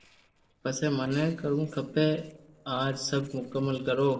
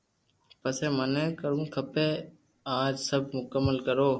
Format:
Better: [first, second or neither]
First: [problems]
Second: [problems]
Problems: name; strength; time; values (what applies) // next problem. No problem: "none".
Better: second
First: noise reduction (neural separator model SepFormer DNS4)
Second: none